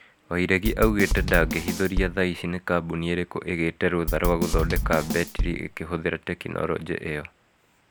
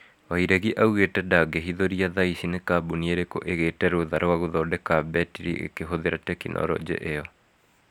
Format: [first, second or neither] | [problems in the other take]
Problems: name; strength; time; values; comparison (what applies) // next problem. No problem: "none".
second | background sound (Drum / Drum kit); 1 dB below the speech